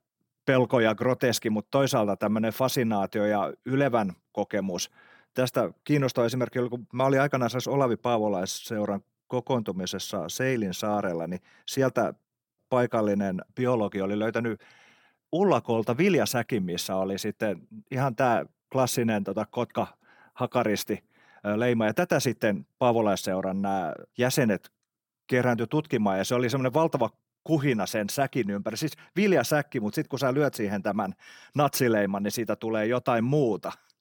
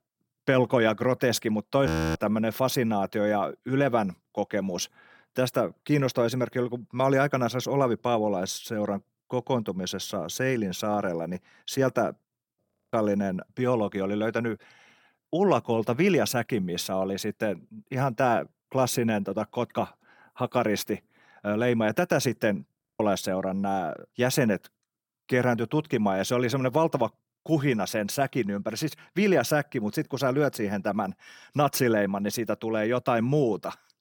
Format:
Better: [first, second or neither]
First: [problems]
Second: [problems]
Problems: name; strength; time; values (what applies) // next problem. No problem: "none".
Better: first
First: none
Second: audio freezing; at 2 s, at 13 s and at 23 s